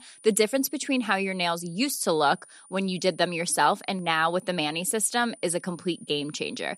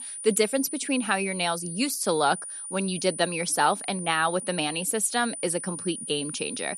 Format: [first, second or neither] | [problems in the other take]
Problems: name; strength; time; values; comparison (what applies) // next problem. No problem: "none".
first | high-pitched whine; loud; throughout; 9.5 kHz, 8 dB below the speech; faint in the first